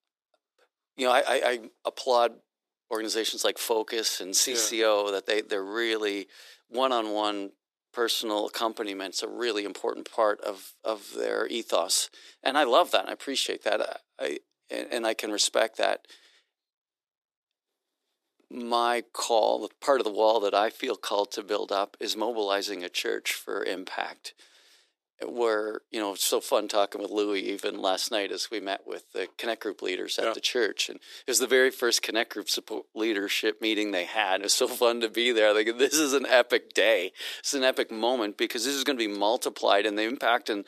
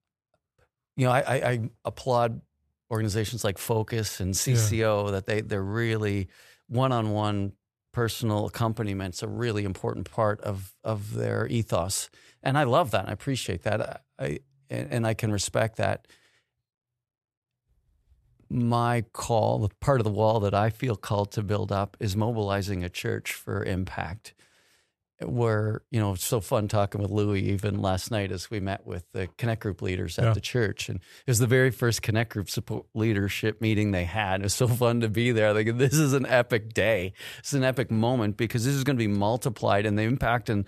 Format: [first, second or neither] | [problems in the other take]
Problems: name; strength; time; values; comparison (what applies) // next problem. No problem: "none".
second | thin; very; fading below 300 Hz